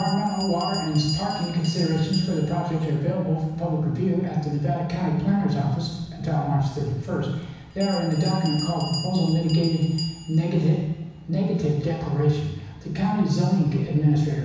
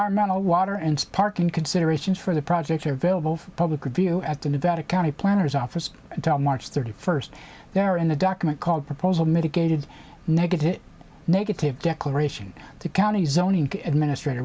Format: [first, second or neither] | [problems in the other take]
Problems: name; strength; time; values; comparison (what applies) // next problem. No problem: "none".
second | background sound (Bell); 17 dB below the speech // room echo; dies away in 1.1 s